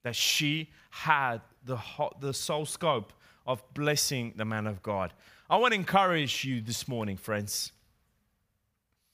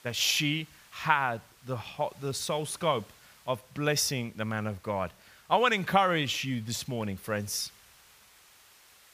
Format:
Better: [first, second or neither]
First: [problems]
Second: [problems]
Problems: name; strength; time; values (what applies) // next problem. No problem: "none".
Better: first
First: none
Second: hiss; faint; throughout; 25 dB below the speech